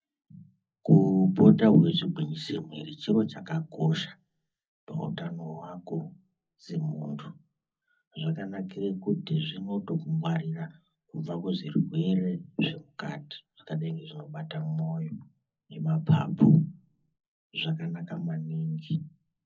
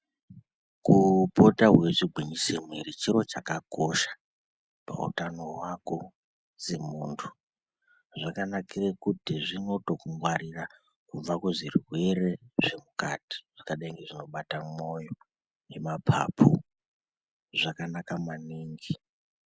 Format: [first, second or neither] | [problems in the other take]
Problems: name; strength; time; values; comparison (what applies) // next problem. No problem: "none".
second | room echo; dies away in 0.4 s